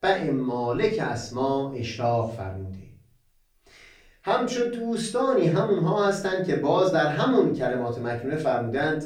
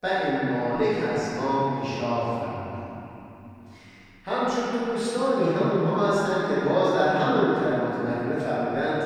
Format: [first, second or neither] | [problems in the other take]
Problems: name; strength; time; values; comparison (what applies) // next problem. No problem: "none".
first | room echo; strong; dies away in 3 s; slight in the first // off-mic speech; far; far in the first